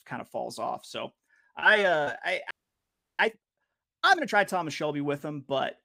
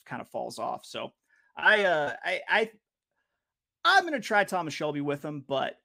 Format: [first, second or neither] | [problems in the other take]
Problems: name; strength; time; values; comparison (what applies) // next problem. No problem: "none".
second | audio freezing; at 2.5 s for 0.5 s